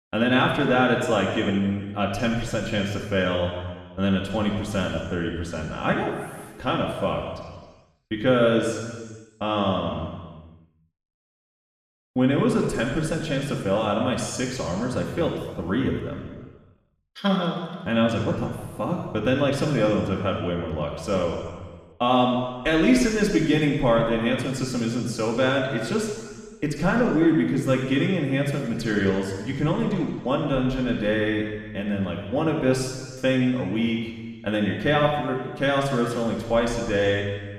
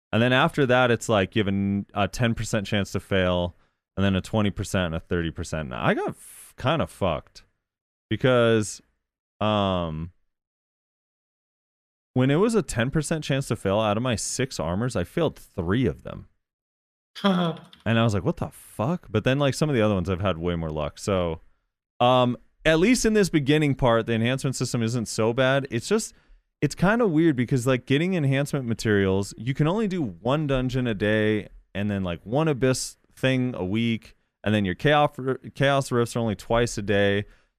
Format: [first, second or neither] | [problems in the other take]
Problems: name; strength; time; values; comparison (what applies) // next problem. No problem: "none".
second | room echo; noticeable; dies away in 1.4 s // off-mic speech; somewhat distant